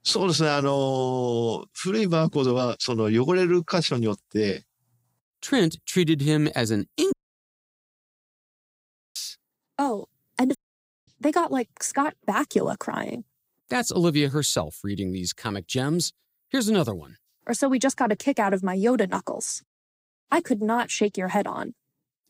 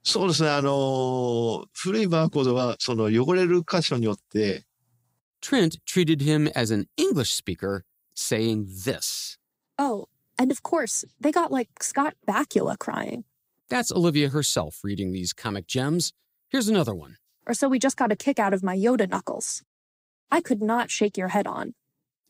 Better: second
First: audio cutting out; at 7 s for 2 s and at 11 s for 0.5 s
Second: none

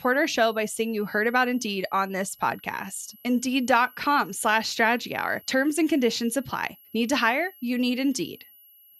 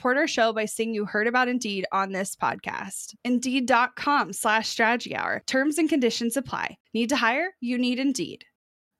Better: second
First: high-pitched whine; faint; throughout; 11.5 kHz, 25 dB below the speech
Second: none

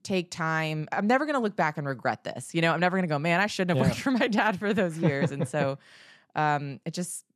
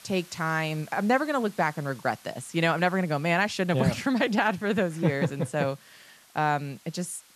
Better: first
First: none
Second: hiss; faint; throughout; 25 dB below the speech

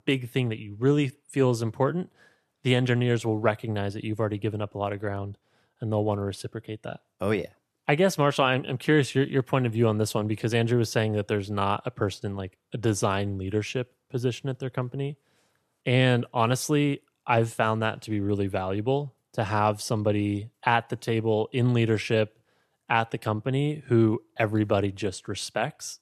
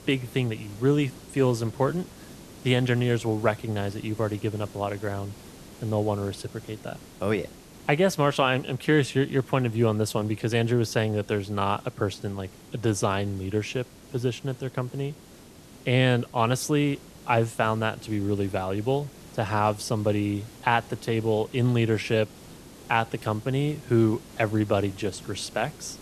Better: first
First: none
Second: hiss; noticeable; throughout; 20 dB below the speech

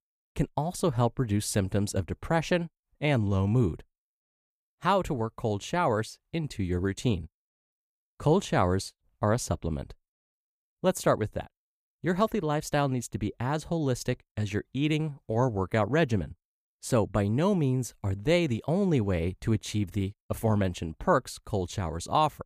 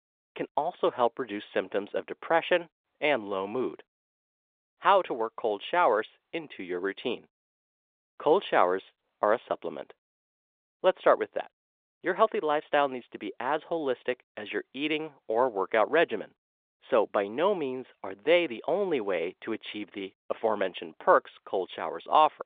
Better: first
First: none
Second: phone-call audio

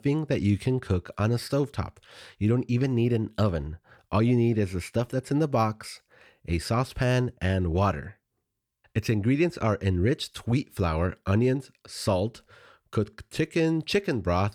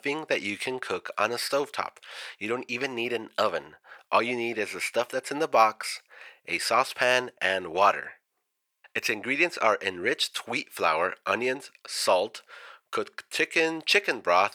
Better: first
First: none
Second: thin; very; fading below 750 Hz

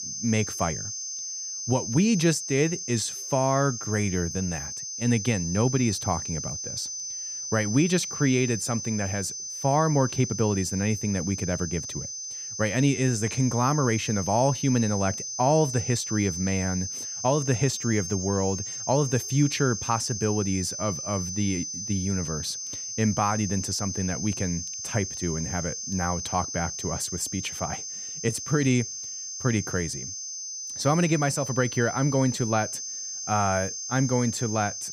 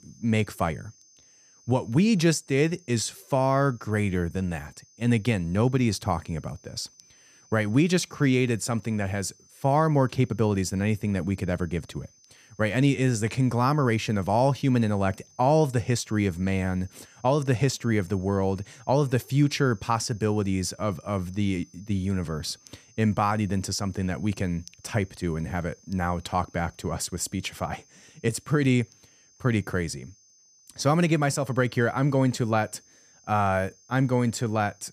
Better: second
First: high-pitched whine; loud; throughout; 6 kHz, 5 dB below the speech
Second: high-pitched whine; faint; throughout; 6 kHz, 30 dB below the speech

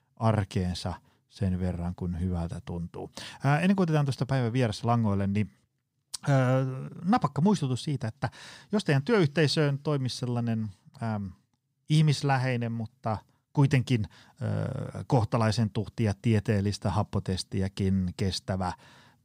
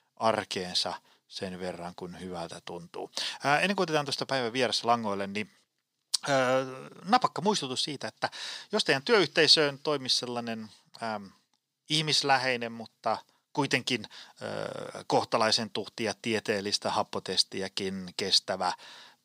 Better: first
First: none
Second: thin; somewhat; fading below 400 Hz

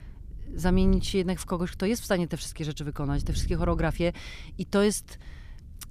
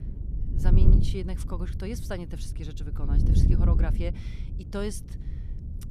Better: first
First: wind noise on the microphone; occasional gusts; 20 dB below the speech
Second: wind noise on the microphone; heavy; 3 dB below the speech

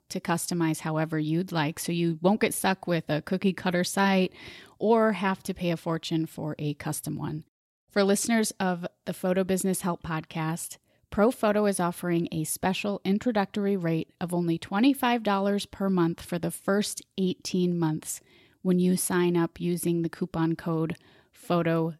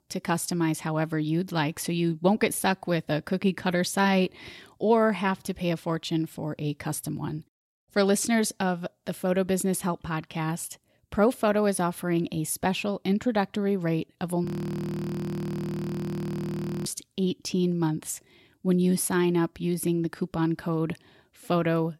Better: first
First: none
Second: audio freezing; at 14 s for 2.5 s

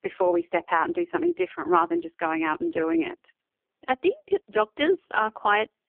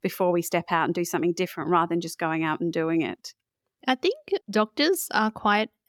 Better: second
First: phone-call audio; poor line; nothing above 3.5 kHz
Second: none

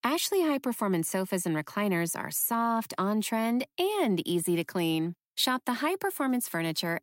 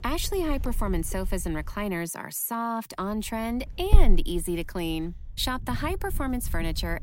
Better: first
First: none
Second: wind noise on the microphone; occasional gusts; until 2 s and from 3 s on; 15 dB below the speech

